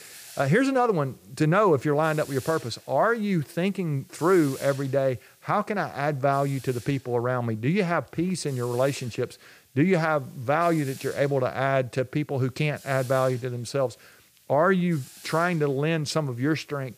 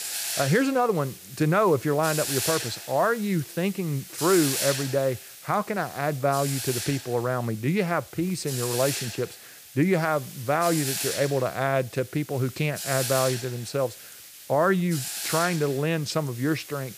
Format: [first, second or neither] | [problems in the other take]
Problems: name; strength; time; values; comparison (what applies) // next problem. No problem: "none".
first | hiss; loud; throughout; 6 dB below the speech; faint in the first